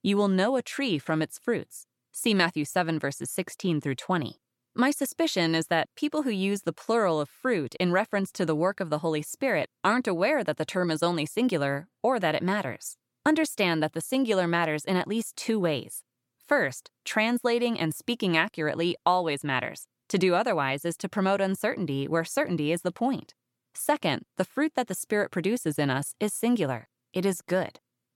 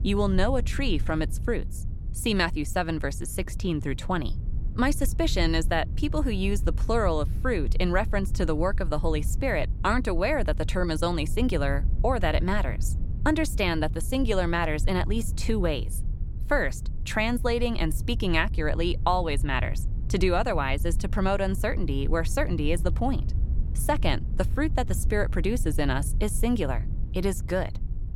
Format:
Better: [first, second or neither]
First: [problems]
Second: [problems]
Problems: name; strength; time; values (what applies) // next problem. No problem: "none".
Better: first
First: none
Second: low rumble; noticeable; throughout; 20 dB below the speech